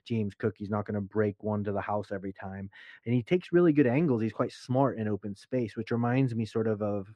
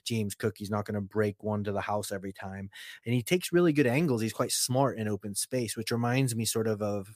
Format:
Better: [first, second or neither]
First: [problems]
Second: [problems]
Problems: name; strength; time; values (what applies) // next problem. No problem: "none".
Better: second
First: muffled; very; fading above 2 kHz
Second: none